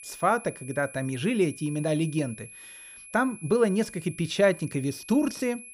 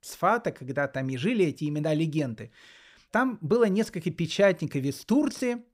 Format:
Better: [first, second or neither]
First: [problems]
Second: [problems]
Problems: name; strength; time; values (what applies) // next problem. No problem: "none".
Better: second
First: high-pitched whine; noticeable; throughout; 11 kHz, 15 dB below the speech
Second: none